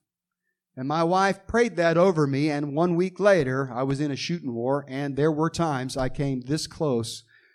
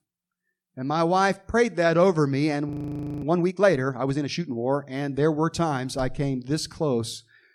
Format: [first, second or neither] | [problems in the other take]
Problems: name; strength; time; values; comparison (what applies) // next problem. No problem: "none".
first | audio freezing; at 2.5 s for 0.5 s